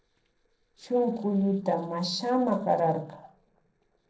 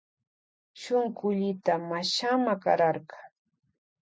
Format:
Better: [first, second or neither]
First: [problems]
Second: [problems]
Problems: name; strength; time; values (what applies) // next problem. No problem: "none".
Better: second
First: noise reduction (neural separator model SepFormer DNS4)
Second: none